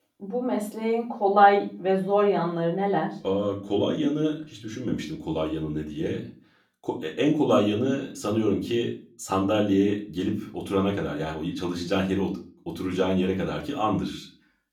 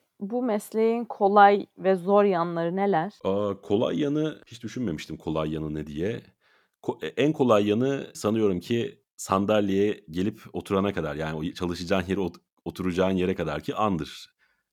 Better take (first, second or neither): second